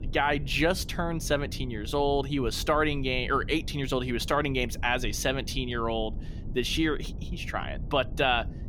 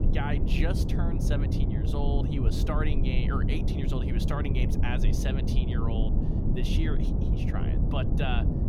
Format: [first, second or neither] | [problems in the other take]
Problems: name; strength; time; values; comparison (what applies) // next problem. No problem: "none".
first | low rumble; loud; throughout; 2 dB below the speech; faint in the first